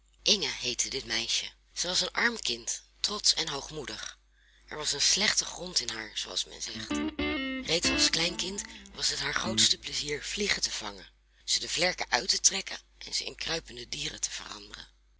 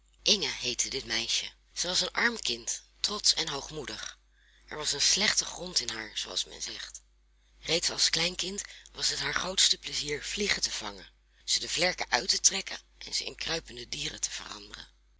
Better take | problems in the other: second | background sound (Guitar); 4 dB below the speech

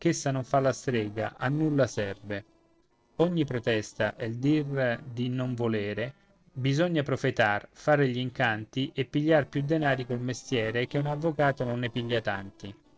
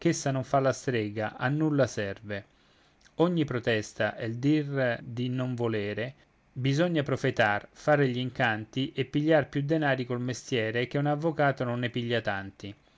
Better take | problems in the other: second | noise reduction (neural separator model SepFormer DNS4)

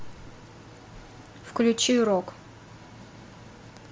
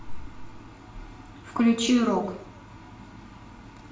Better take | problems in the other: first | room echo; dies away in 0.6 s

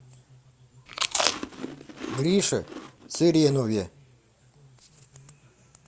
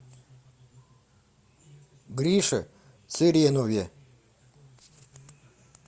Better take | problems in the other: second | background sound (Chewing, mastication); 5 dB below the speech

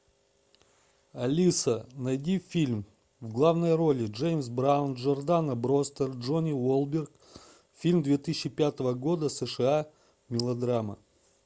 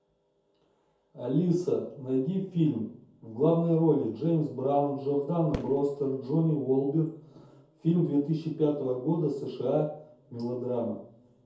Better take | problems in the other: first | background sound (Fireworks); 19 dB below the speech // room echo; dies away in 0.6 s

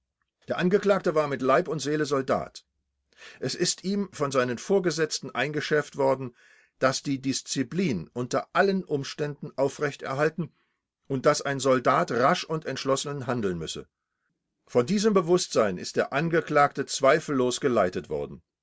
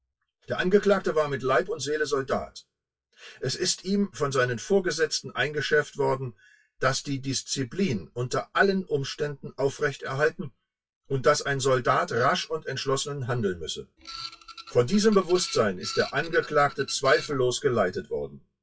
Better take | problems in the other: first | noise reduction (classical method WPE with log-MMSE)

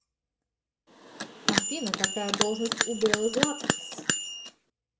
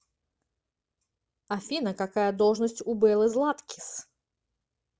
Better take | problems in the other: second | background sound (Bell); 3 dB above the speech // room echo; dies away in 0.4 s

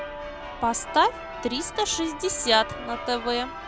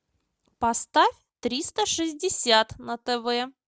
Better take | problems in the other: second | background sound (Church bell); 10 dB below the speech

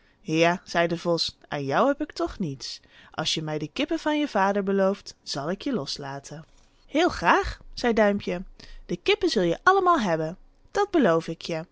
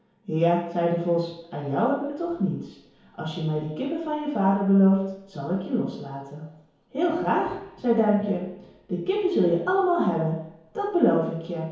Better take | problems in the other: first | room echo; dies away in 1 s

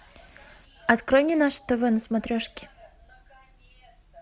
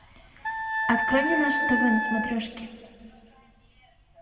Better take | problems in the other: first | background sound (Wind instrument, woodwind instrument); 1 dB above the speech // room echo; dies away in 2.1 s

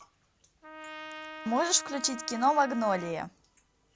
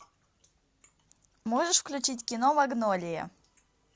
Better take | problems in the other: second | background sound (Trumpet); 13 dB below the speech

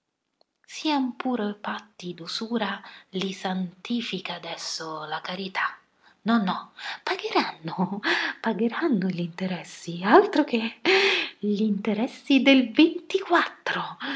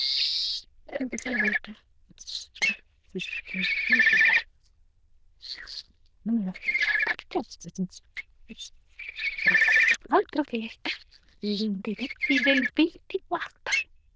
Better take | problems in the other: first | noise reduction (neural diffusion model UNIVERSE++)

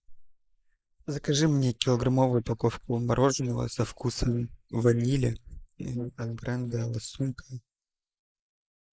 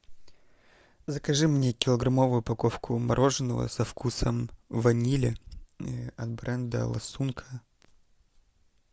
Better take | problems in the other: second | noise reduction (neural mask model Resemble Enhance denoiser)

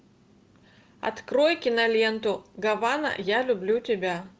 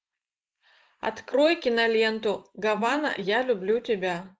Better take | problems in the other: first | noise reduction (neural mask model Resemble Enhance denoiser)

